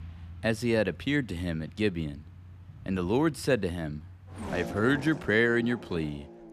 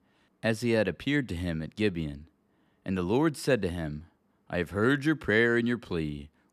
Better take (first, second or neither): second